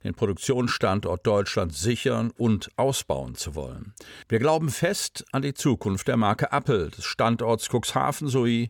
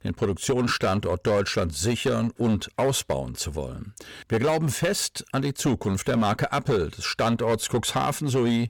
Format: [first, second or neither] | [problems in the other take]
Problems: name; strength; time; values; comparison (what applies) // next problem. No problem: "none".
first | distortion; slight; 9% of the sound clipped